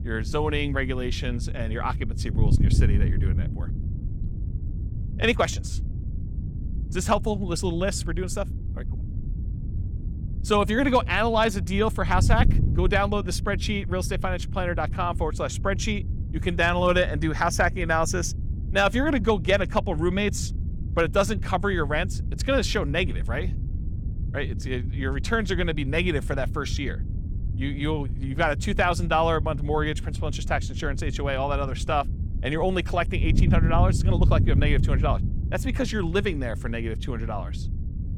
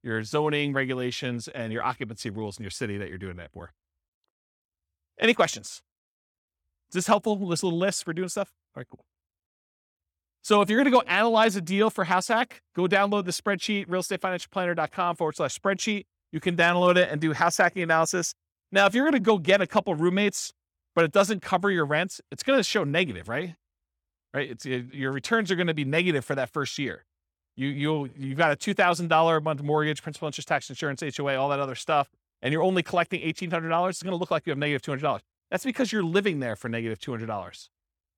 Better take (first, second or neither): second